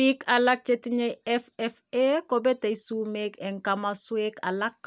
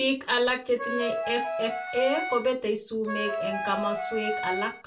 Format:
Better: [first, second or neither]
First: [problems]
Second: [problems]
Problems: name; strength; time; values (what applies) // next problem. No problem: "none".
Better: first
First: none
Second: background sound (Wind instrument, woodwind instrument); 3 dB below the speech // room echo; dies away in 0.2 s